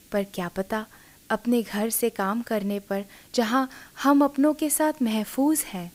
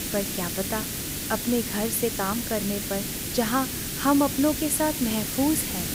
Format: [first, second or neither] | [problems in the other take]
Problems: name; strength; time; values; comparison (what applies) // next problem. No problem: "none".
first | hiss; loud; throughout; 2 dB below the speech; faint in the first